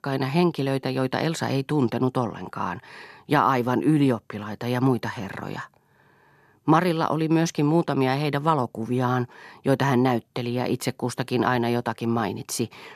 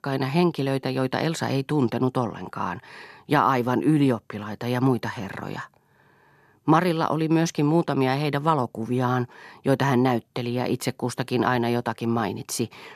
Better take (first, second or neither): neither